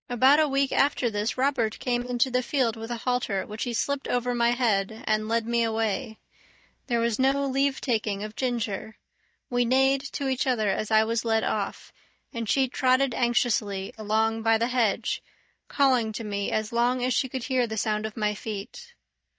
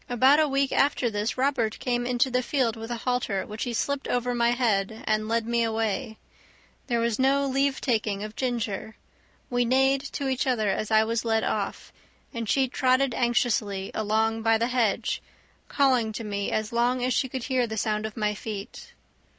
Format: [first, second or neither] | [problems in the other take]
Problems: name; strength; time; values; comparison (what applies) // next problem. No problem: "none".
second | noise reduction (neural mask model DeepFilterNet 3)